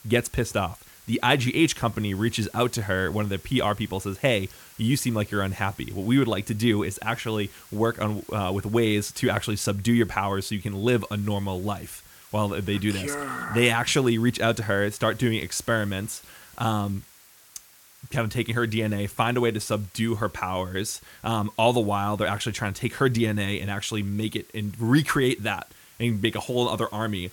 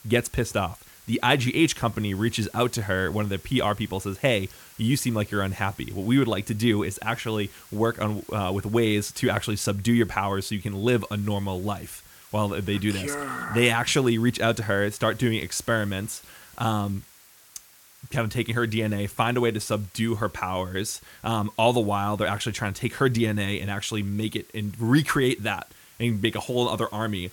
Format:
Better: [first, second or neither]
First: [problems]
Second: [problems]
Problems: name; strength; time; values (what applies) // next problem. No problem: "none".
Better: neither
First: hiss; faint; throughout; 25 dB below the speech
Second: hiss; faint; throughout; 25 dB below the speech